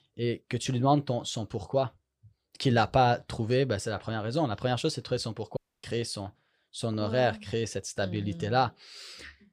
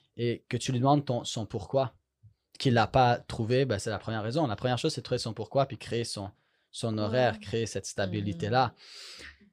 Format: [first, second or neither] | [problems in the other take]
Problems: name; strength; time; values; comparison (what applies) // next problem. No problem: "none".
second | audio cutting out; at 5.5 s